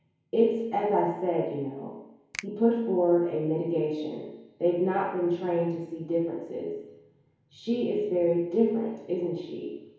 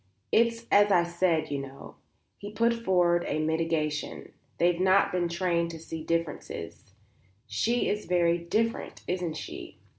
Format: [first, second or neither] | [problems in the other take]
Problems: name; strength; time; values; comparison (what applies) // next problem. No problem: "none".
second | background sound (Finger snapping); 20 dB below the speech // room echo; dies away in 1 s